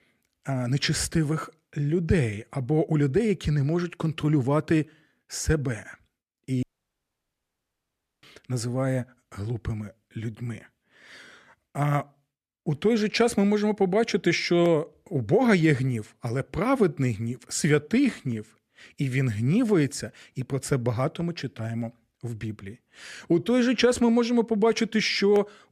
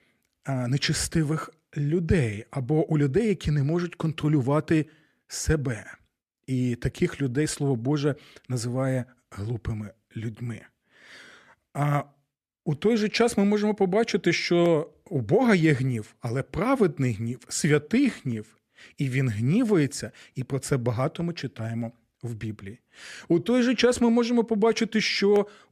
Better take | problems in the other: second | audio cutting out; at 6.5 s for 1.5 s

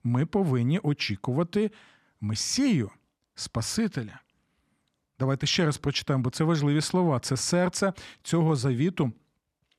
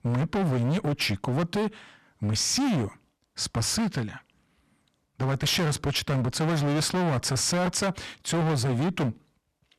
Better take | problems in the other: first | distortion; heavy; 26% of the sound clipped

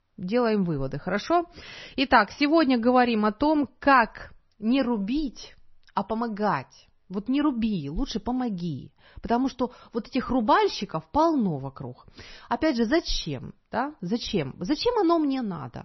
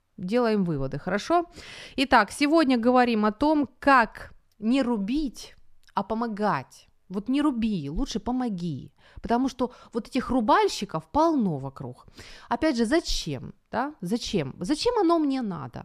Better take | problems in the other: second | garbled, watery; slightly; nothing above 6 kHz

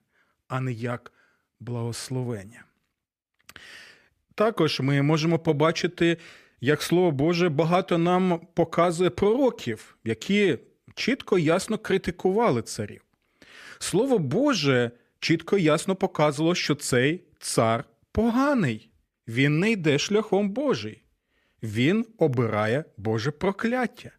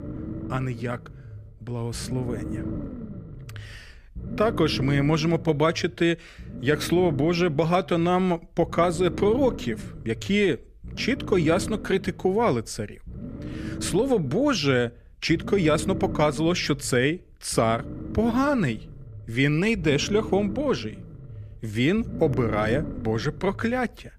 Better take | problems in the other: first | low rumble; noticeable; throughout; 15 dB below the speech

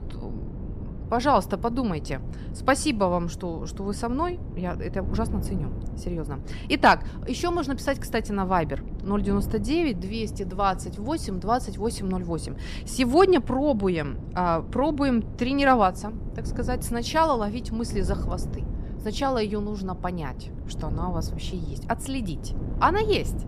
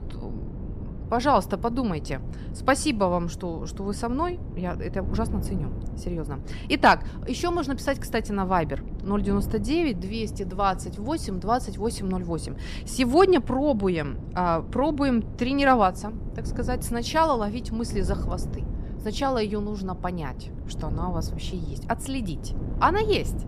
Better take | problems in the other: neither | wind noise on the microphone; occasional gusts; 20 dB below the speech; the same in both

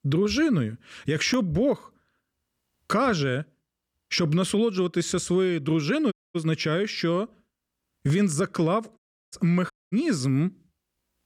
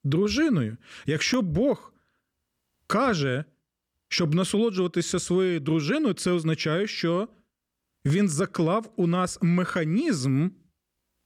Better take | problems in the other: second | audio cutting out; at 6 s, at 9 s and at 9.5 s

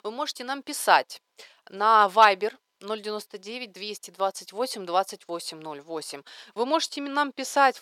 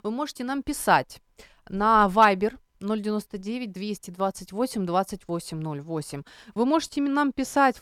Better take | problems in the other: second | thin; somewhat; fading below 500 Hz

